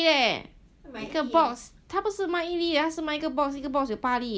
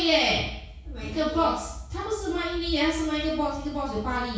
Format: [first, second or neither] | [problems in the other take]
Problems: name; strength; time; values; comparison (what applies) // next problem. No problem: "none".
first | room echo; dies away in 0.6 s